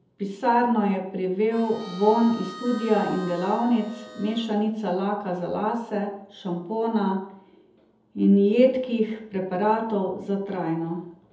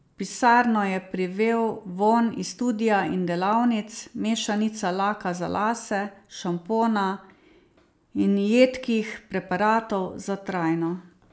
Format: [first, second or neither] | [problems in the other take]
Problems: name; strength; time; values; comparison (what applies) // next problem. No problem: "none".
second | background sound (Harmonica); 17 dB below the speech // room echo; dies away in 0.7 s